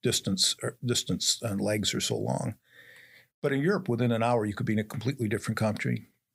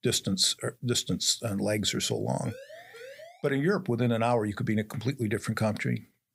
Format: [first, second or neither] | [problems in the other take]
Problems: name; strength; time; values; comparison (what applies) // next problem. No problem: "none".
first | siren; faint; at 2.5 s; peak 20 dB below the speech